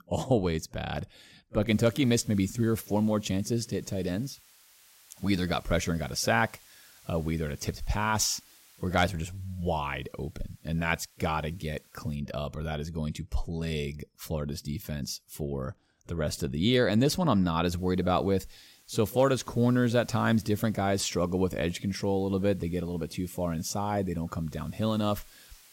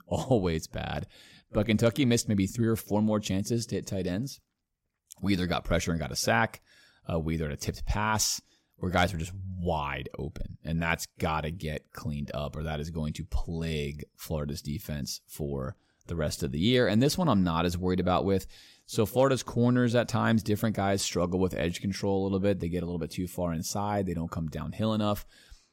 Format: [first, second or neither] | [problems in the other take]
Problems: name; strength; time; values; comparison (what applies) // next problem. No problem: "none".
second | hiss; faint; from 1.5 to 12 s and from 18 s on; 25 dB below the speech